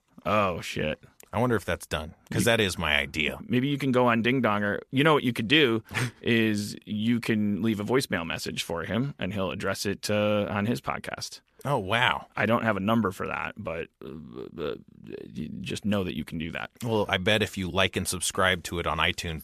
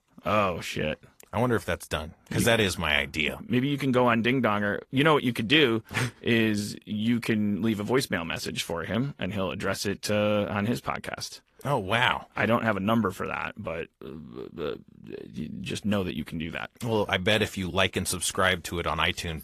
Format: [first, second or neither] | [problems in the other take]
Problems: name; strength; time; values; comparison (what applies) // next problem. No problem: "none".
first | garbled, watery; slightly; nothing above 14.5 kHz